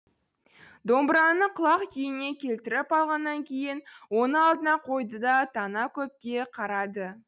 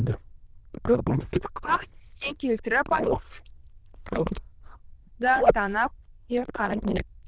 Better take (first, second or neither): first